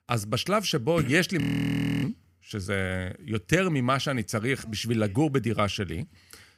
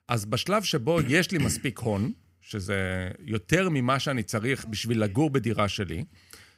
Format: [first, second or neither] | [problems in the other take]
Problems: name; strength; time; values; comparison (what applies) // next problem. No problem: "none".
second | audio freezing; at 1.5 s for 0.5 s